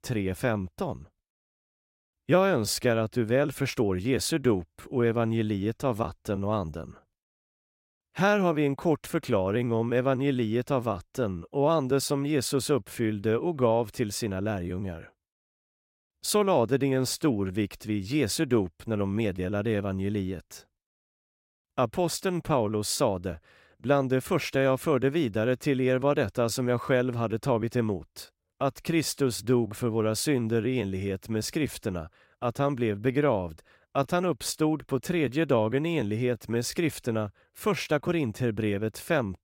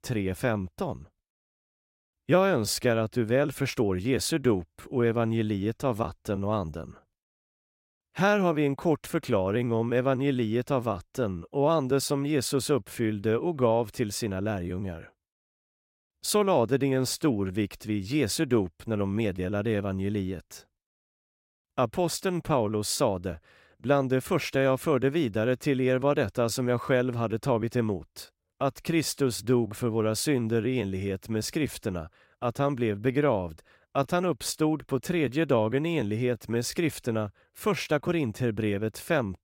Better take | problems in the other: neither | none

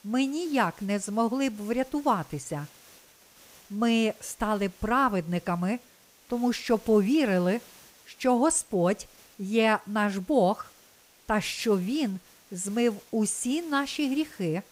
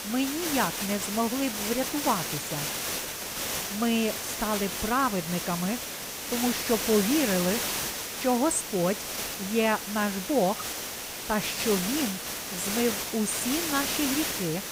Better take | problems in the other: first | hiss; loud; throughout; 2 dB below the speech; faint in the first

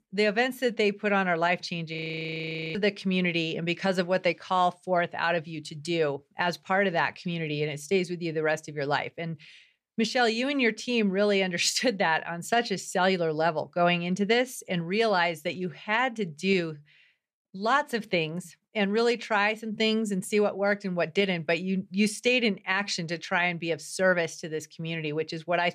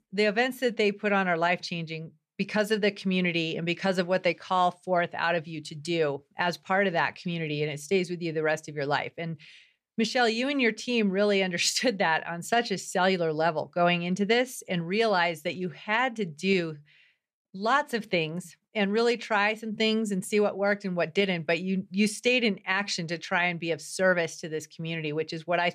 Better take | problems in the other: second | audio freezing; at 2 s for 1 s

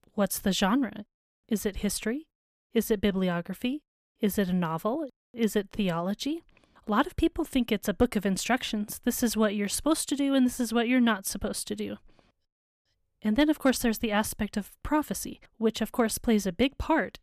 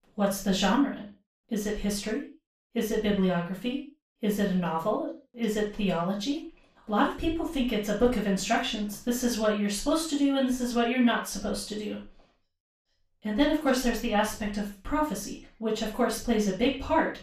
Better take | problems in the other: first | room echo; noticeable; dies away in 0.3 s // off-mic speech; far

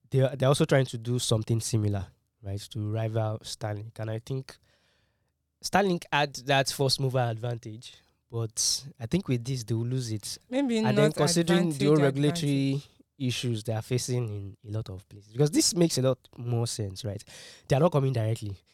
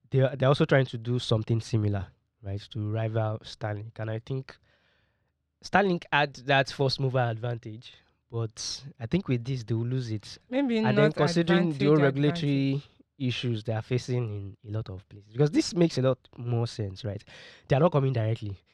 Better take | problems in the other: first | muffled; slightly; fading above 3 kHz

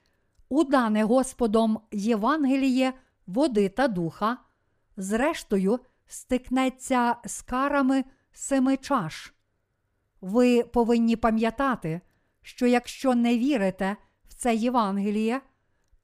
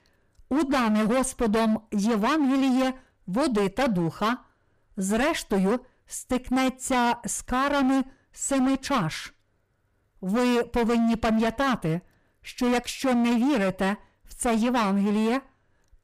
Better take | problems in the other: first | distortion; heavy; 23% of the sound clipped

